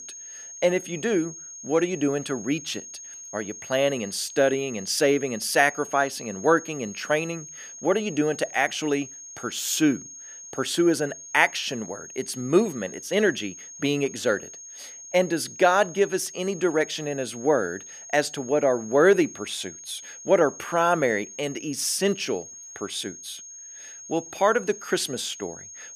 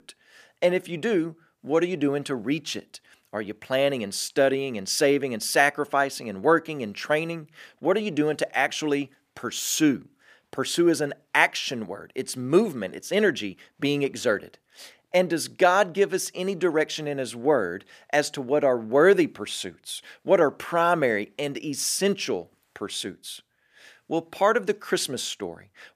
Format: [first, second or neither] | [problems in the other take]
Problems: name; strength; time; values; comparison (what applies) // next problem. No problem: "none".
second | high-pitched whine; noticeable; throughout; 6.5 kHz, 15 dB below the speech